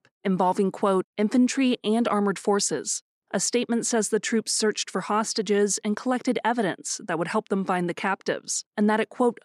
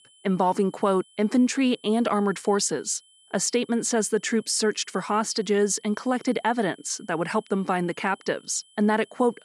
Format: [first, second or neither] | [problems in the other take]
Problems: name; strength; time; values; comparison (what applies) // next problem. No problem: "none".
first | high-pitched whine; faint; throughout; 3 kHz, 30 dB below the speech